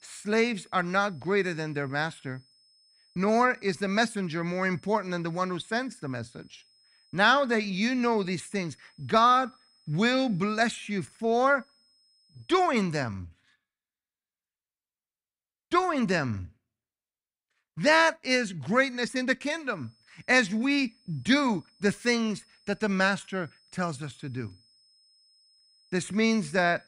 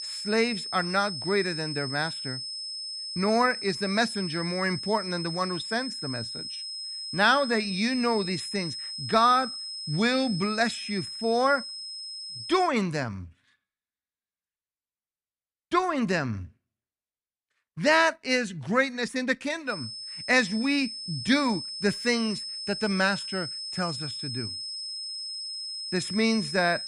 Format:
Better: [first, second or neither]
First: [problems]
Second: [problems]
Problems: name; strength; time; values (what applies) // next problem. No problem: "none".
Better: first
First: high-pitched whine; faint; until 13 s and from 20 s on; 5 kHz, 35 dB below the speech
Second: high-pitched whine; loud; until 13 s and from 20 s on; 5 kHz, 7 dB below the speech